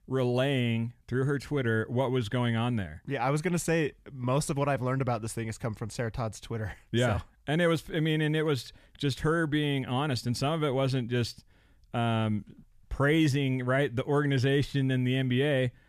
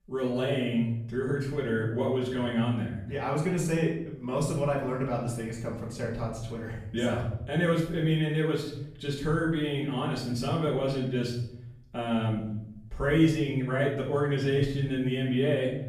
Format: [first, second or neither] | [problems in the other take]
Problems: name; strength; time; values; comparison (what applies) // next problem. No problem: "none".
first | room echo; noticeable; dies away in 0.8 s // off-mic speech; far